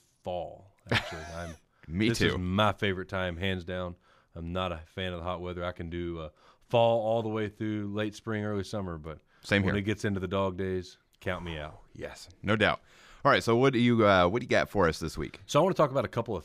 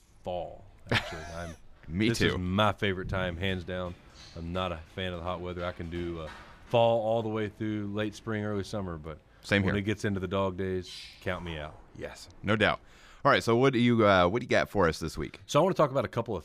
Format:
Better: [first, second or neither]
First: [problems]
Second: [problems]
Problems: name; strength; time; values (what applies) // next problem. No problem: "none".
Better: first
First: none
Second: animal sounds; faint; until 13 s; 25 dB below the speech